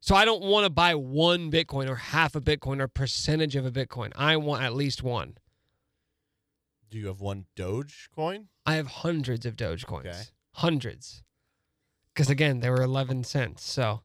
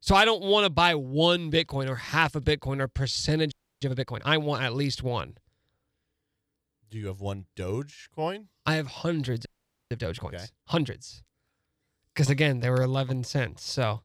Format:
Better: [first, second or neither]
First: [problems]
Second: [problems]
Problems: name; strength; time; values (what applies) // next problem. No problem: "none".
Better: first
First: none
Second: audio freezing; at 3.5 s and at 9.5 s